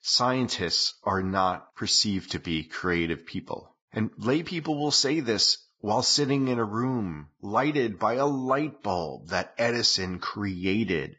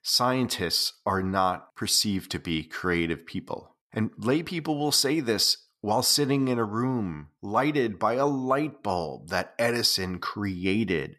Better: second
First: garbled, watery; badly; nothing above 7.5 kHz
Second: none

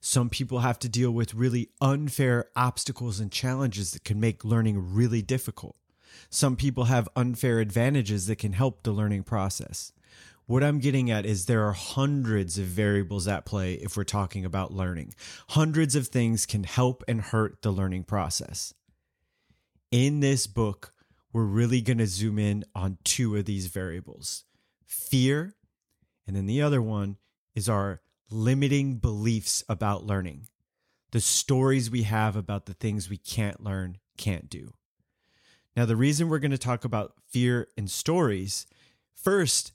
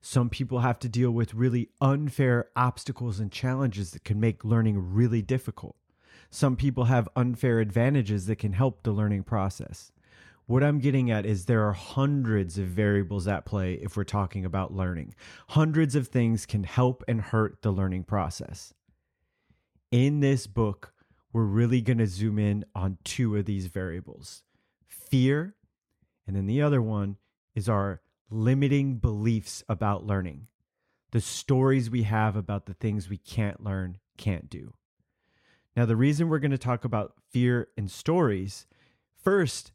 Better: first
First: none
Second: muffled; slightly; fading above 3.5 kHz

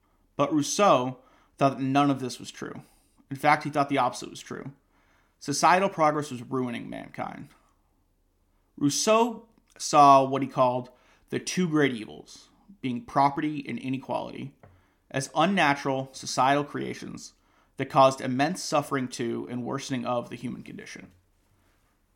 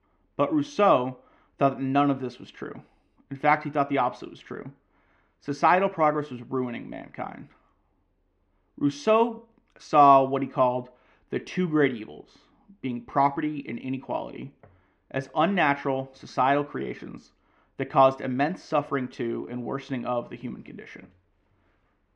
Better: first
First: none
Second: muffled; slightly; fading above 2.5 kHz

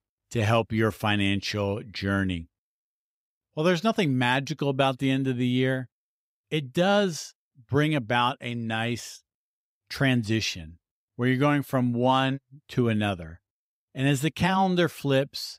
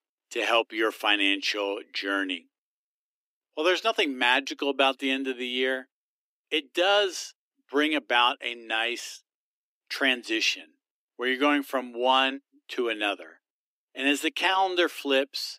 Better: first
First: none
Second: thin; somewhat; fading below 300 Hz

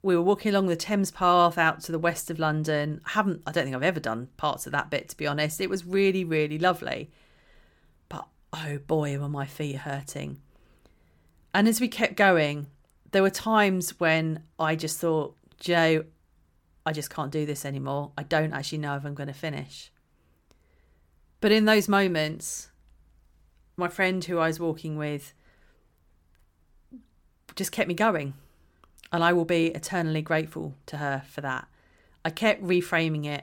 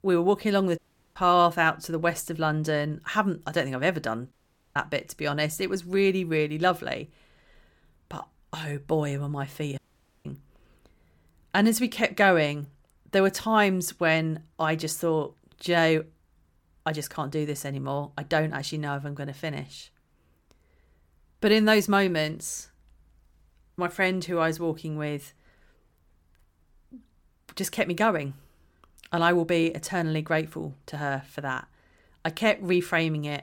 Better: first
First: none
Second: audio cutting out; at 1 s, at 4.5 s and at 10 s

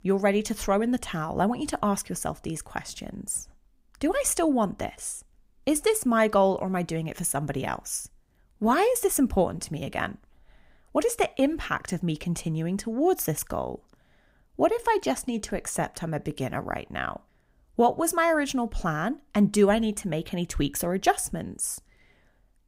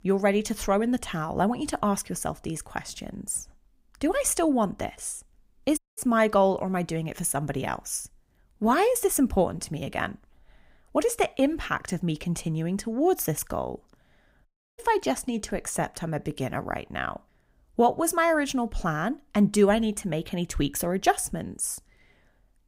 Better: first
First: none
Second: audio cutting out; at 6 s and at 14 s

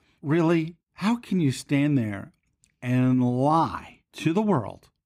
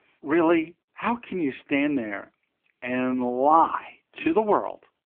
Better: first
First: none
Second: phone-call audio

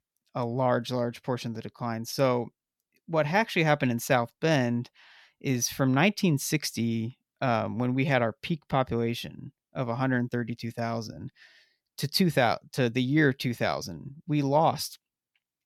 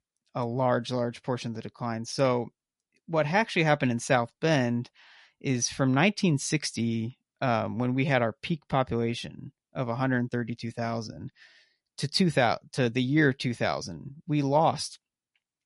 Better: first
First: none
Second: garbled, watery; slightly; nothing above 11 kHz

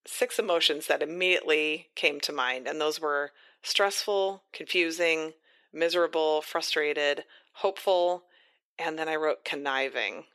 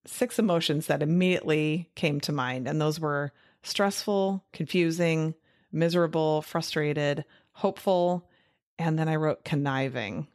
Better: second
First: thin; very; fading below 400 Hz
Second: none

